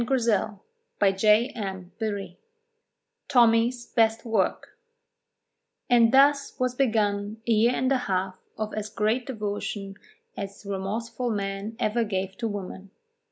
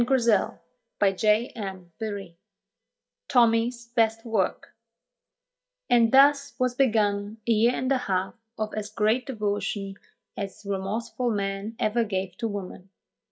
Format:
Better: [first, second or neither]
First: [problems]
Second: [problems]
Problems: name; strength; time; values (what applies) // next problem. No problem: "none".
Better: first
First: none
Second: noise reduction (neural mask model DeepFilterNet 3)